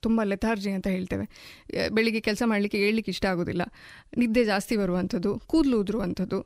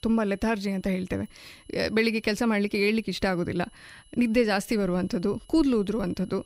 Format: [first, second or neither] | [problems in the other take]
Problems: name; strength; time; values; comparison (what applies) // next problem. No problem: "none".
first | high-pitched whine; faint; throughout; 3 kHz, 30 dB below the speech